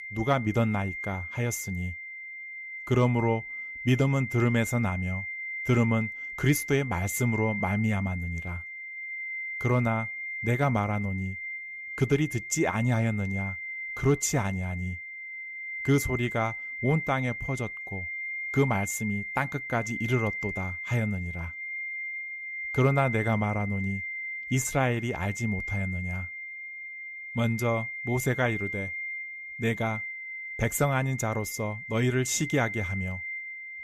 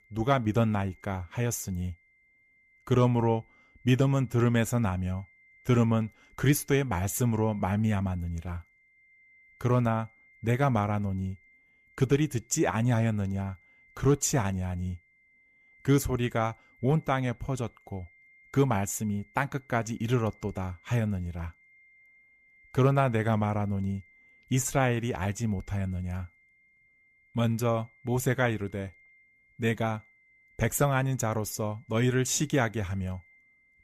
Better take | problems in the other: second | high-pitched whine; loud; throughout; 2 kHz, 6 dB below the speech; faint in the second

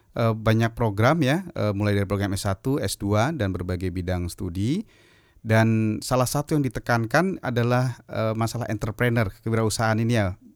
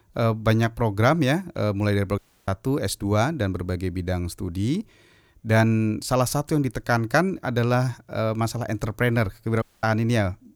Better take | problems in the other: first | audio cutting out; at 2 s and at 9.5 s

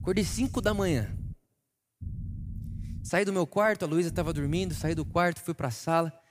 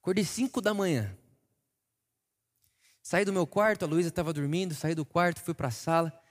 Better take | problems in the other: second | low rumble; faint; until 1.5 s, from 2 to 3 s and from 4 to 5 s; 25 dB below the speech

